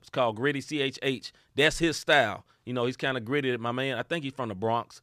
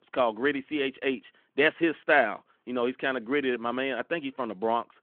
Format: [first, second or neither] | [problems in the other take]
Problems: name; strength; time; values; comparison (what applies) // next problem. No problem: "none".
first | phone-call audio